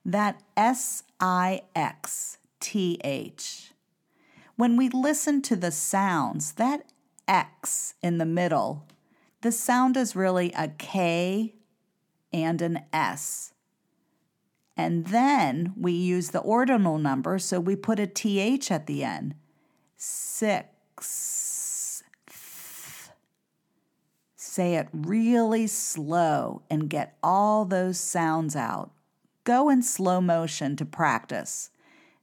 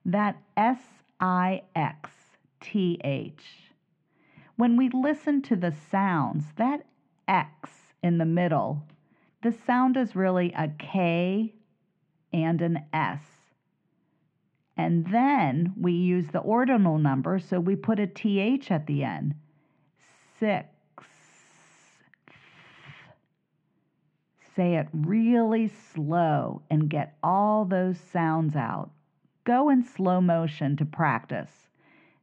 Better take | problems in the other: first | muffled; very; fading above 3 kHz

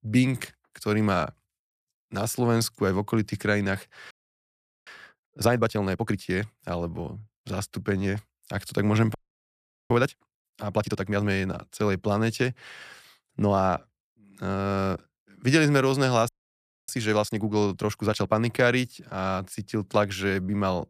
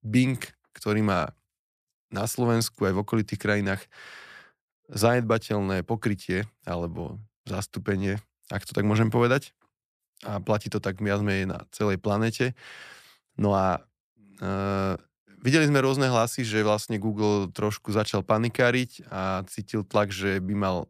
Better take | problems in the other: second | audio freezing; at 4 s for 1 s, at 9 s for 1 s and at 16 s for 0.5 s

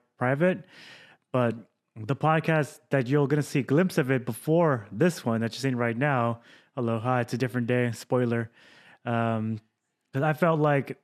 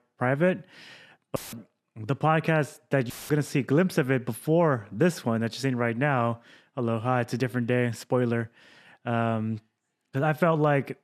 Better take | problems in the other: first | audio cutting out; filled with static; at 1.5 s and at 3 s

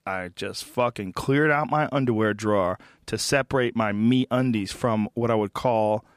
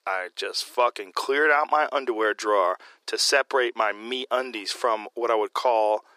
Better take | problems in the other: first | thin; very; fading below 350 Hz

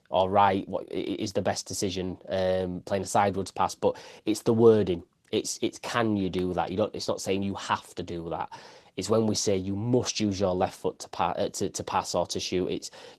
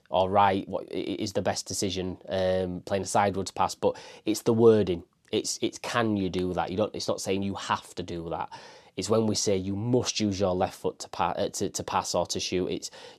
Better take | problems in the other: second | garbled, watery; slightly; nothing above 13.5 kHz

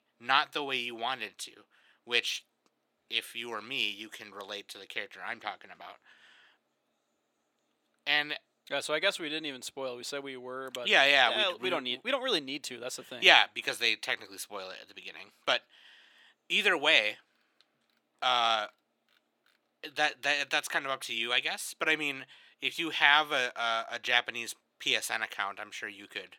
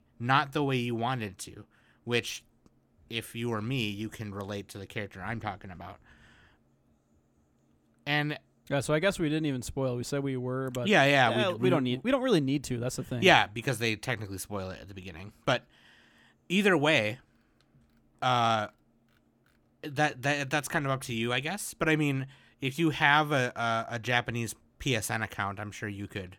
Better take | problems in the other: second | thin; somewhat; fading below 500 Hz

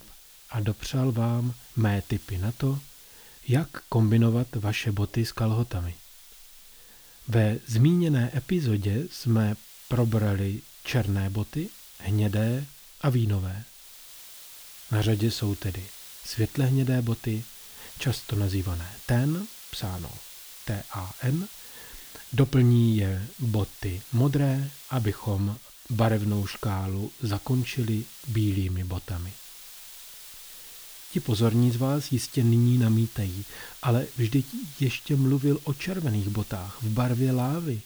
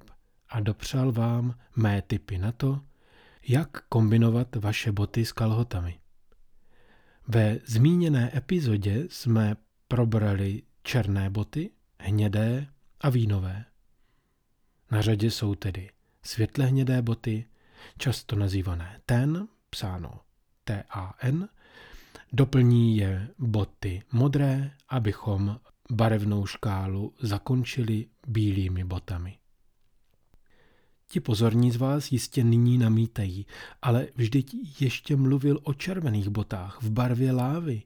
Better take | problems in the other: second | hiss; noticeable; throughout; 15 dB below the speech

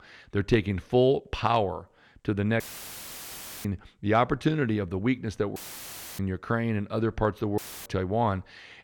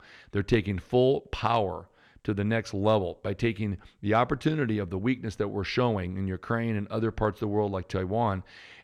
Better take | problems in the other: second | audio cutting out; filled with static; at 2.5 s for 1 s, at 5.5 s for 0.5 s and at 7.5 s

